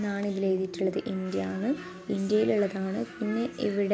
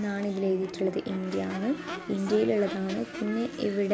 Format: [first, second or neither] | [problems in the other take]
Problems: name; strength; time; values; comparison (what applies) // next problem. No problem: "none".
first | background sound (Crowd / Race car, auto racing / Accelerating, revving, vroom); 13 dB below the speech